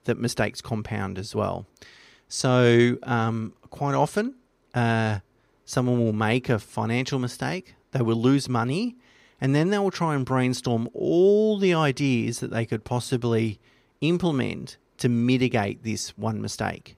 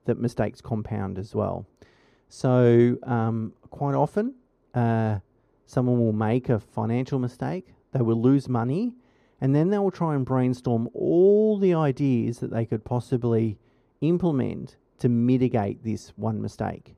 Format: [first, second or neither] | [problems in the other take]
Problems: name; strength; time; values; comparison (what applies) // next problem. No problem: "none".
first | muffled; slightly; fading above 1.5 kHz